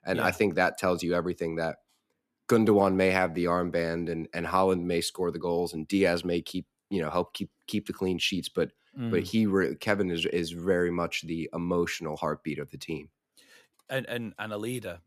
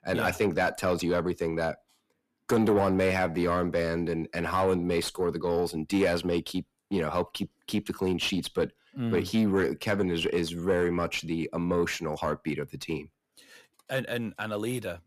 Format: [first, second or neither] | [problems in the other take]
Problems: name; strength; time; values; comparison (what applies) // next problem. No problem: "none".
first | distortion; slight; 10 dB below the speech